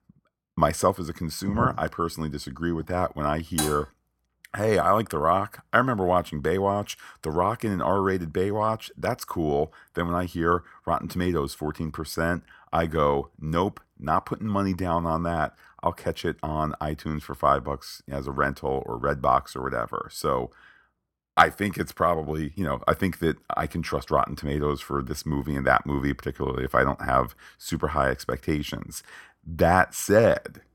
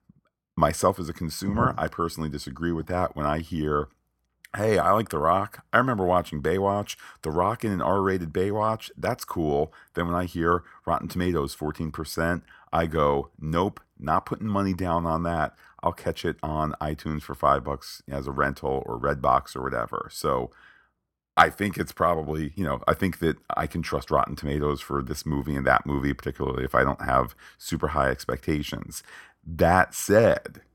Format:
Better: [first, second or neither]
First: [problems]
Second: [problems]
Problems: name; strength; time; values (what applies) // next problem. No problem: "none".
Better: second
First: clattering dishes; noticeable; at 3.5 s; peak 3 dB below the speech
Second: none